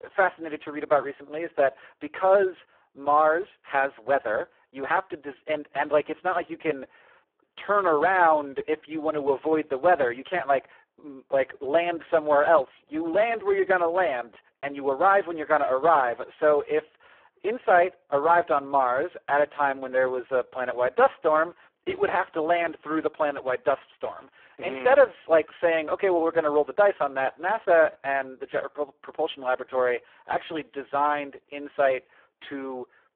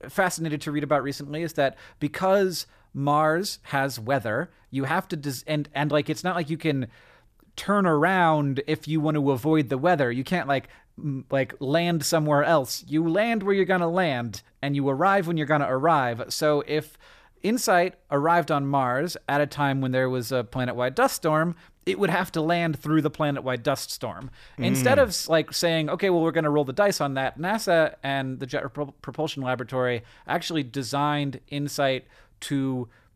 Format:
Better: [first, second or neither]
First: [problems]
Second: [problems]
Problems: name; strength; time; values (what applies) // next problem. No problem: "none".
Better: second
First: phone-call audio; poor line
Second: none